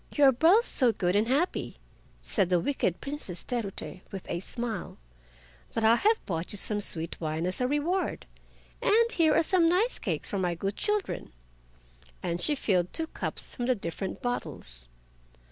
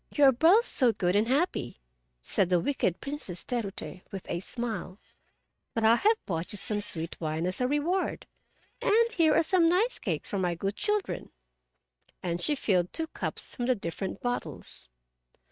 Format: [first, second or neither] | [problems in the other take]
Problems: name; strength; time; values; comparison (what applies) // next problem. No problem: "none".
first | noise reduction (neural mask model RNNoise)